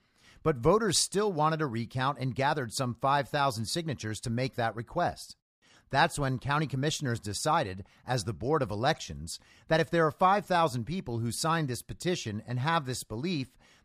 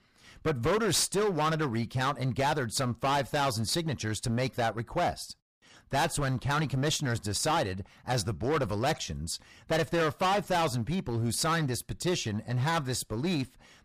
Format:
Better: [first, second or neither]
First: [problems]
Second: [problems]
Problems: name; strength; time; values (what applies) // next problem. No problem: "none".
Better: first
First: none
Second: distortion; heavy; 14% of the sound clipped